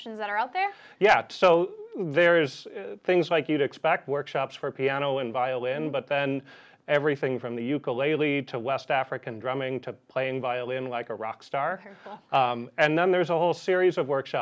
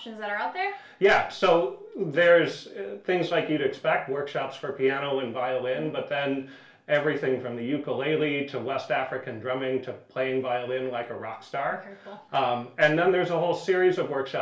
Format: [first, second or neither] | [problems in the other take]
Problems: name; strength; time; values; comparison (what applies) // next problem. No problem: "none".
first | room echo; dies away in 0.4 s